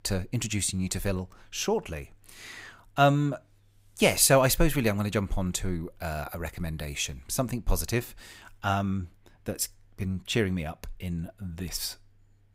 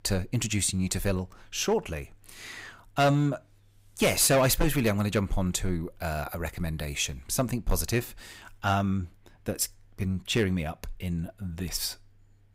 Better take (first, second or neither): first